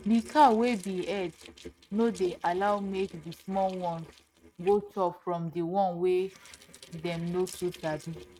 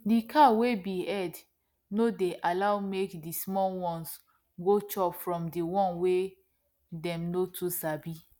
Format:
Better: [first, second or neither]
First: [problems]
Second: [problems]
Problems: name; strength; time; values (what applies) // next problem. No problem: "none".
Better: second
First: noise reduction (neural mask model RNNoise)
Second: none